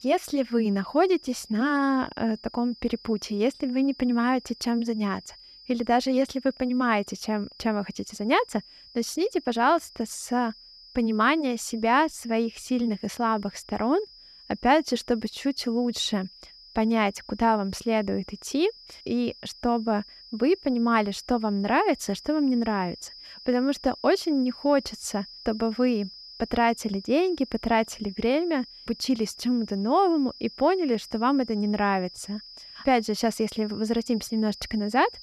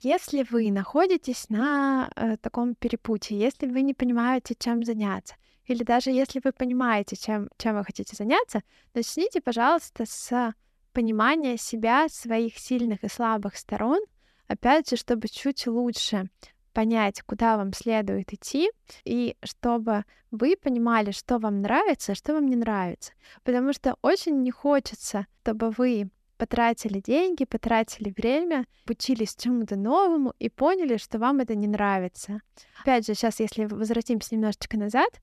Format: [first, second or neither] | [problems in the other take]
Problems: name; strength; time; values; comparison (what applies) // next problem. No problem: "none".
second | high-pitched whine; noticeable; throughout; 5 kHz, 20 dB below the speech